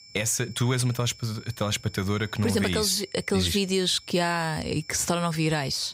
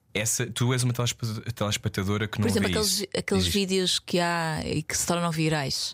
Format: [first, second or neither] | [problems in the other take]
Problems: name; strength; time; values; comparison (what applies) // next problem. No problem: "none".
second | high-pitched whine; faint; throughout; 5.5 kHz, 20 dB below the speech